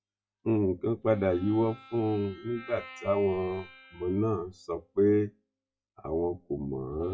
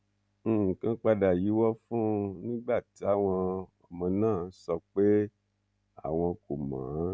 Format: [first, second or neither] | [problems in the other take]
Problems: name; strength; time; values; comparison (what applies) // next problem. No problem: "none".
second | noise reduction (classical method WPE with log-MMSE)